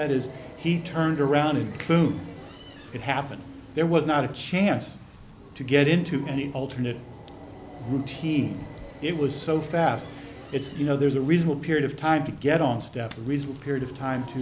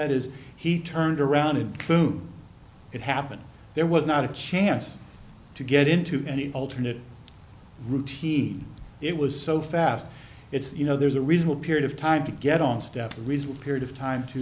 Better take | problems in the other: second | background sound (Subway, metro, underground); 19 dB below the speech

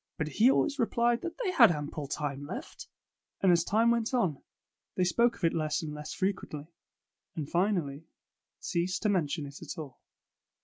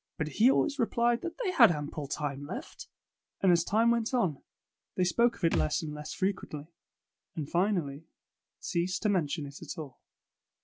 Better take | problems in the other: first | background sound (Thump, thud); 7 dB below the speech

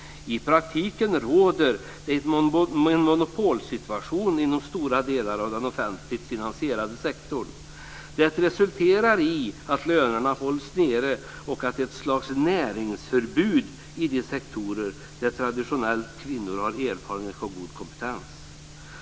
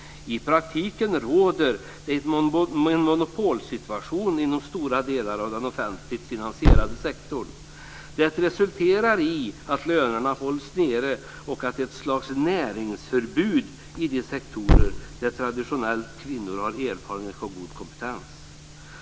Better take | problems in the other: first | background sound (Thump, thud); 4 dB below the speech

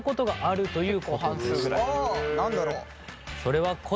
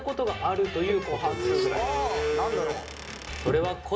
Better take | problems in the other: first | background sound (Squeak / Wood); 11 dB below the speech // room echo; dies away in 2.6 s

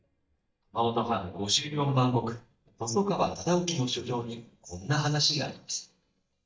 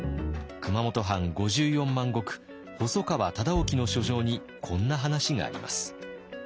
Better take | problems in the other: second | noise reduction (neural mask model DeepFilterNet 3)

